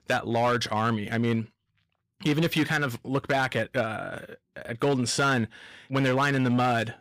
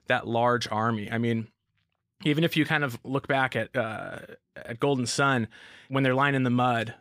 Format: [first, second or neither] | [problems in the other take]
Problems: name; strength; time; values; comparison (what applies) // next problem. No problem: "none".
second | distortion; slight; 7% of the sound clipped